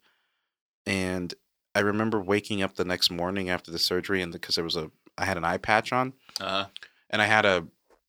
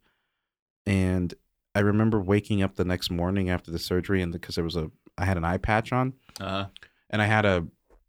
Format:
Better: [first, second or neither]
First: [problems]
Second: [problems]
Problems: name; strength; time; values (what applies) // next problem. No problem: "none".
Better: second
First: thin; somewhat; fading below 1 kHz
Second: none